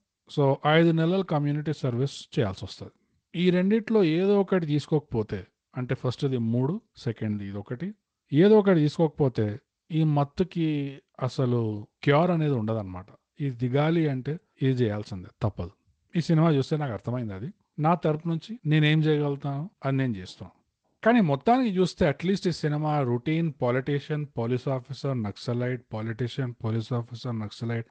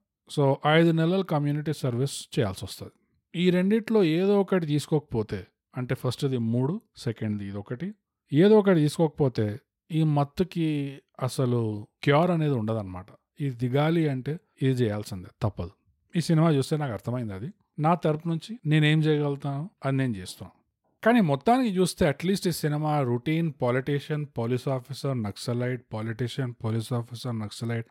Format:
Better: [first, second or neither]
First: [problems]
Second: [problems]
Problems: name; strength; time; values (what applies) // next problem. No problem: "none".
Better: second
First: garbled, watery; slightly; nothing above 8.5 kHz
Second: none